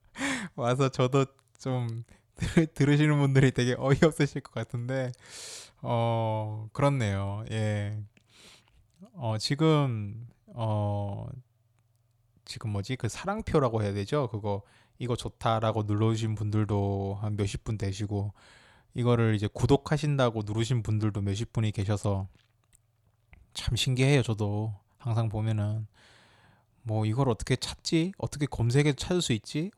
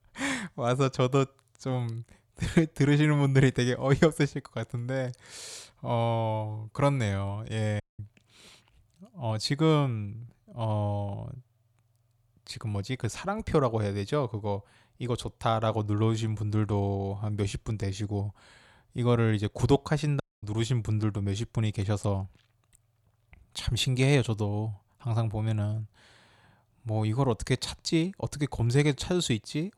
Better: first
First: none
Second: audio cutting out; at 8 s and at 20 s

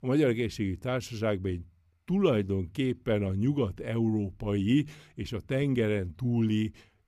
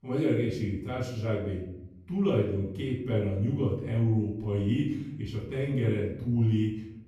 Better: first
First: none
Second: off-mic speech; far // room echo; noticeable; dies away in 0.8 s

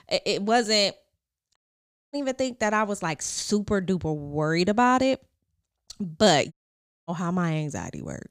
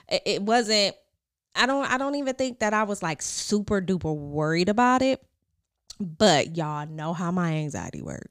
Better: second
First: audio cutting out; at 1.5 s for 0.5 s and at 6.5 s for 0.5 s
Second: none

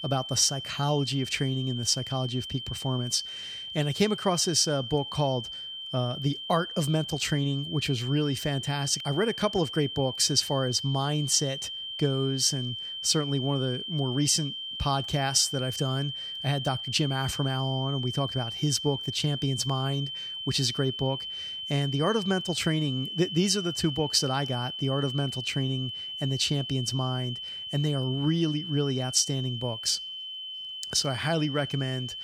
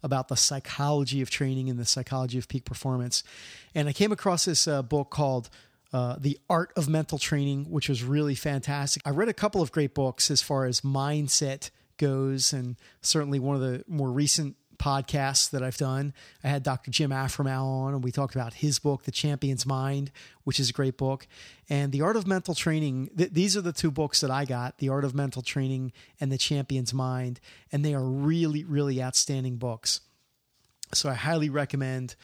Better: second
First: high-pitched whine; loud; throughout; 3 kHz, 6 dB below the speech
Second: none

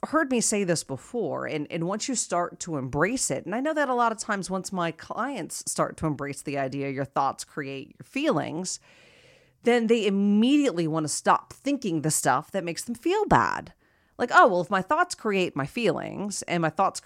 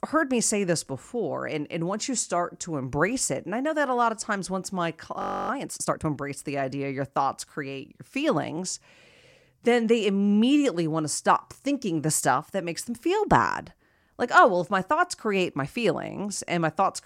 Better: first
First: none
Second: audio freezing; at 5 s

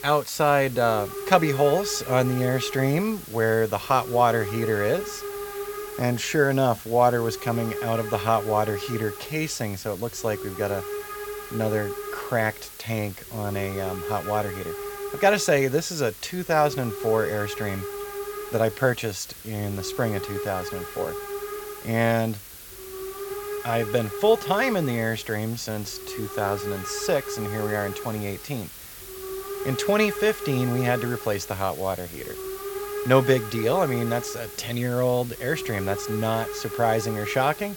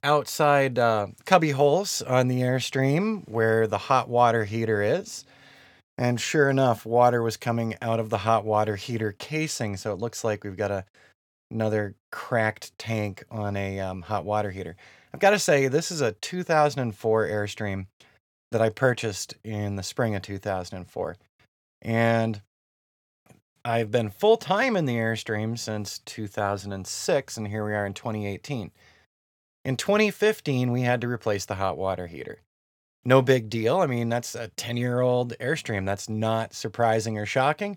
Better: second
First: hiss; loud; throughout; 9 dB below the speech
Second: none

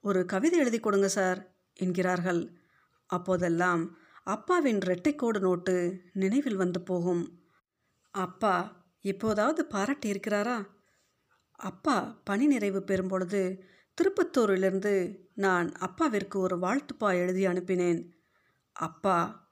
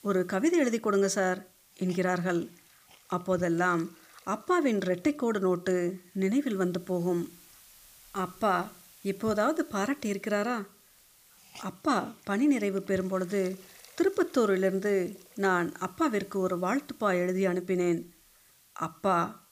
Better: first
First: none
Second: hiss; faint; throughout; 25 dB below the speech

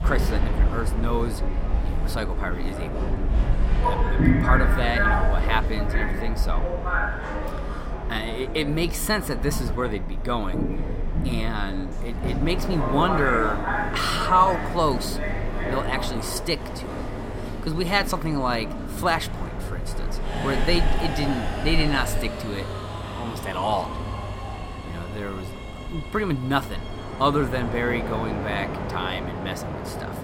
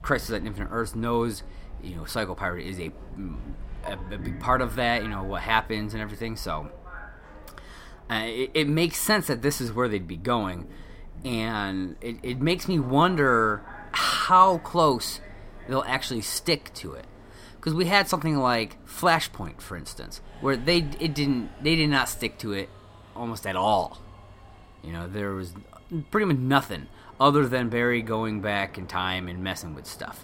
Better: second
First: train or aircraft noise; loud; throughout; 1 dB below the speech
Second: train or aircraft noise; faint; throughout; 20 dB below the speech

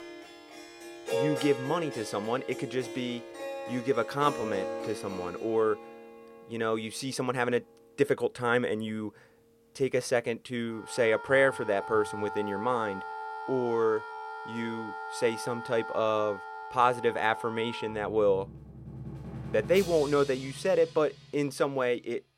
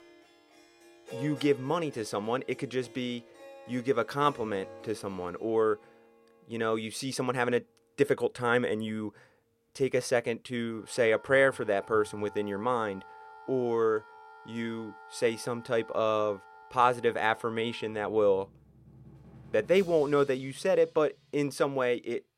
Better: second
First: background music; loud; throughout; 10 dB below the speech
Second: background music; faint; throughout; 20 dB below the speech

